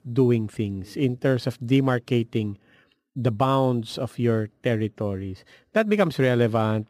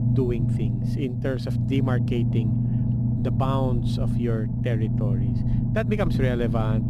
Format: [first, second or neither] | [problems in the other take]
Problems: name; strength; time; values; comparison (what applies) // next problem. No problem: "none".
first | low rumble; loud; throughout; 3 dB below the speech